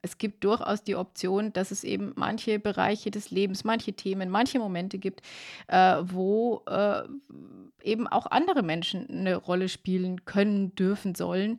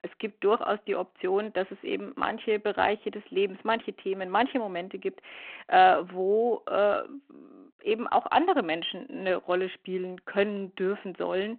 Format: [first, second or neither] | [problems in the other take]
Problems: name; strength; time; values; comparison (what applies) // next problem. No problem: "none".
first | phone-call audio